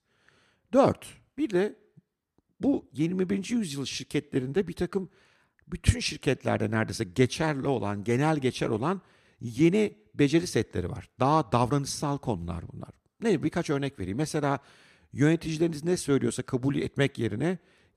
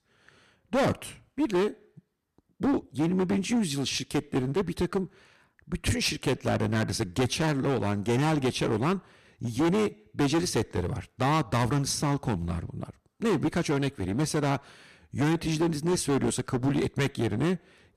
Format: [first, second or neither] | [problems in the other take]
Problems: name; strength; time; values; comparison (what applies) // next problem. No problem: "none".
first | distortion; heavy; 13% of the sound clipped